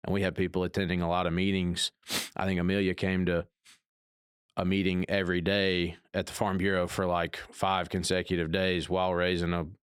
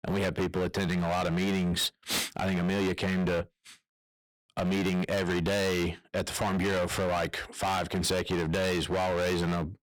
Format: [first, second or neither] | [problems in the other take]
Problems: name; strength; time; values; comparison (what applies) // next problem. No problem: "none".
first | distortion; heavy; 25% of the sound clipped